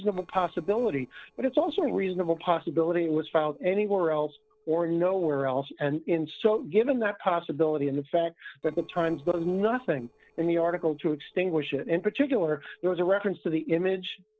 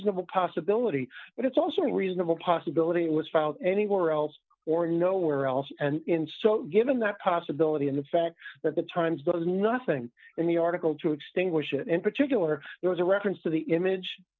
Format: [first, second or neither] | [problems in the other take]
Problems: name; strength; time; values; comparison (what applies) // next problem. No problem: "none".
second | noise reduction (neural separator model SepFormer DNS4)